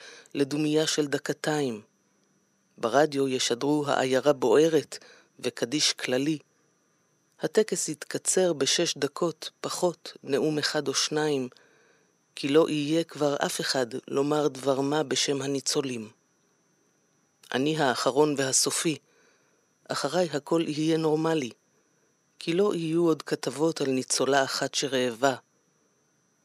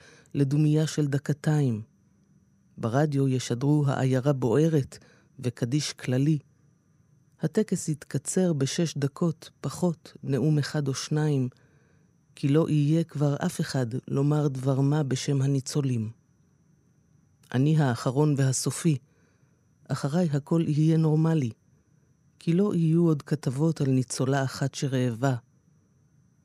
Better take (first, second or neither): second